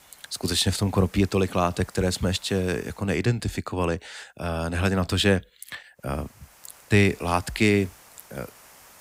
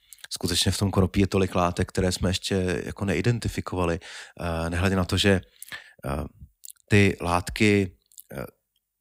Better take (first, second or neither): second